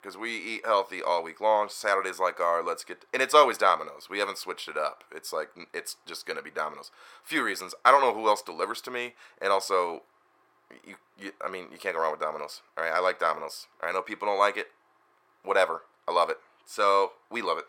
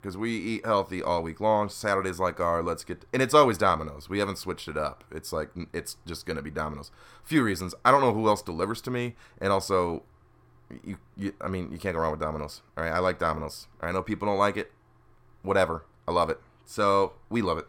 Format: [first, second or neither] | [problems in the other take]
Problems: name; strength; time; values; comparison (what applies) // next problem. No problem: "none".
second | thin; very; fading below 550 Hz